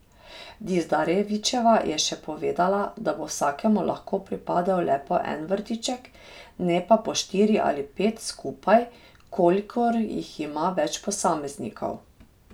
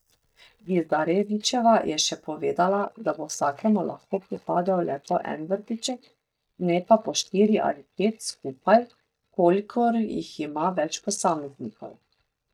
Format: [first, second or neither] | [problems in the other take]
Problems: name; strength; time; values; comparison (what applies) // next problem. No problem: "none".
first | noise reduction (neural mask model DeepFilterNet 3)